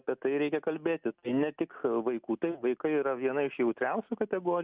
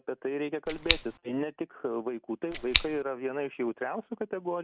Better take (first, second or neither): first